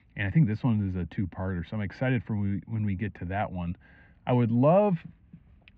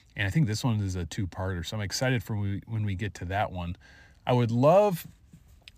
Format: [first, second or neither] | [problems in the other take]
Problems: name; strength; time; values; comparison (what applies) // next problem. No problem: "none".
second | muffled; very; fading above 2.5 kHz